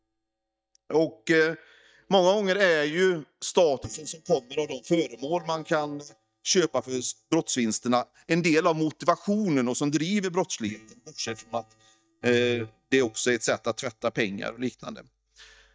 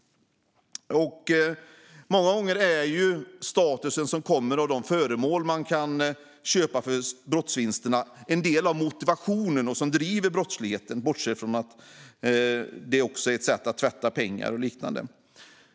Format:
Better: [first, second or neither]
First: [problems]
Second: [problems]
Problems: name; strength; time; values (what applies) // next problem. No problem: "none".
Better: second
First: noise reduction (neural mask model DeepFilterNet 3)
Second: none